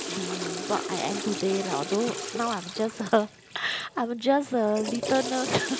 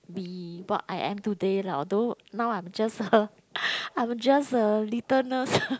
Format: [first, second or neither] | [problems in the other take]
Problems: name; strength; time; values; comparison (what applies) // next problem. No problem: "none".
second | background sound (Toilet flush / Water); 7 dB below the speech